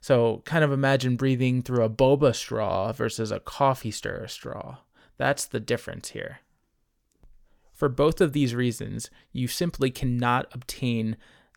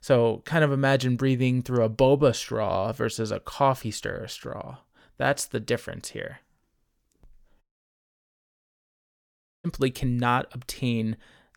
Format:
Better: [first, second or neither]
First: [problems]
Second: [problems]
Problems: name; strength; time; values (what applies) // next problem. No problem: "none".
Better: first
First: none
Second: audio cutting out; at 7.5 s for 2 s